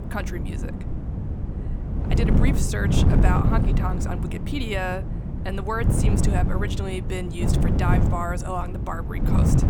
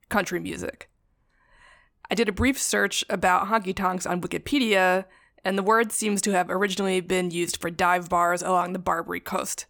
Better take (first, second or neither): second